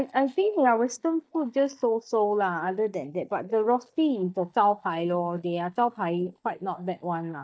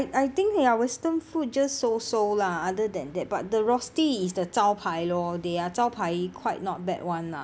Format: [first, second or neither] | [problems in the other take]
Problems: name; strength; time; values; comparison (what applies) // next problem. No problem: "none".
second | noise reduction (neural mask model DeepFilterNet 3)